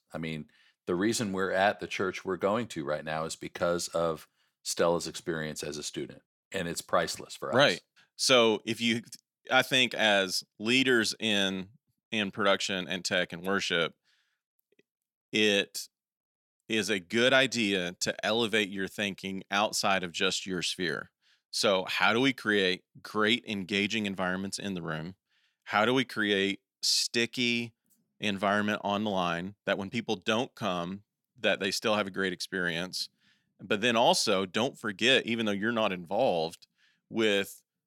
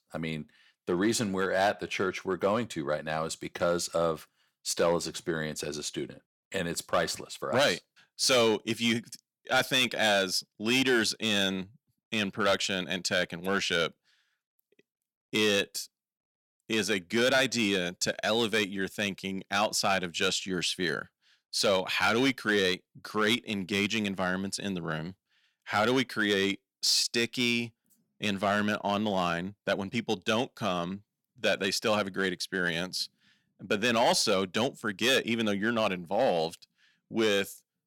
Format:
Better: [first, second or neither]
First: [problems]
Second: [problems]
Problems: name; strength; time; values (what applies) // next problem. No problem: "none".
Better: first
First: none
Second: distortion; slight; 2% of the sound clipped